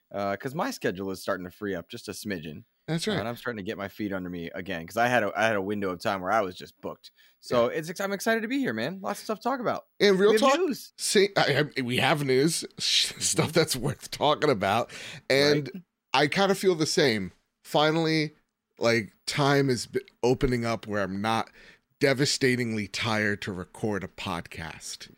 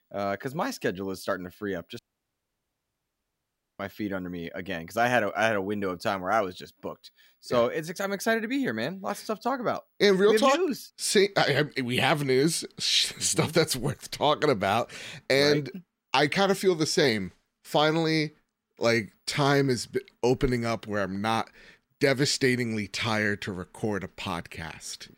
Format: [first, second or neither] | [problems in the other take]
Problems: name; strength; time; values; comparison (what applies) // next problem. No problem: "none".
first | audio cutting out; at 2 s for 2 s